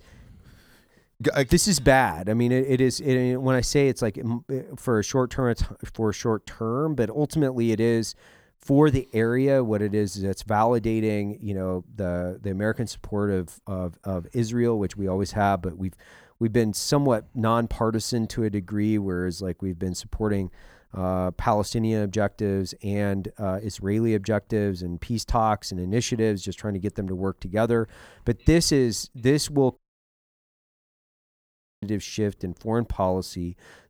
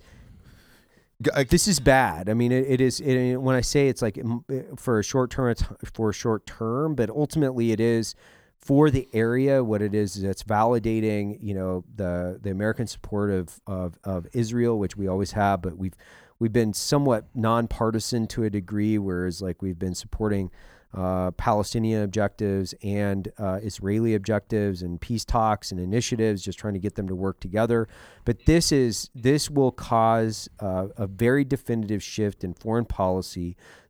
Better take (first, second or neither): second